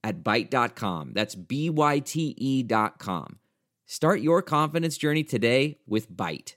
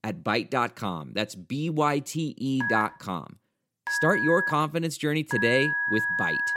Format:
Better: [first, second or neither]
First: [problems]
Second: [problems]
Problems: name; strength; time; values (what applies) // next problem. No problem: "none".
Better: first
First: none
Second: phone ringing; loud; from 2.5 s on; peak 2 dB above the speech